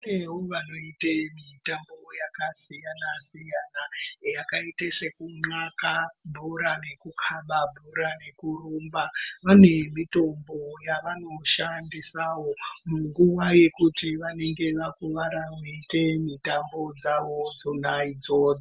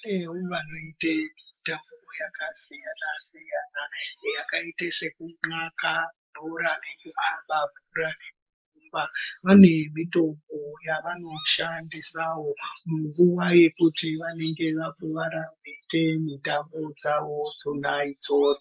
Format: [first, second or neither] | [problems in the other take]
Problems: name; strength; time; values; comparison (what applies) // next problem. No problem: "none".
first | noise reduction (neural mask model Resemble Enhance denoiser)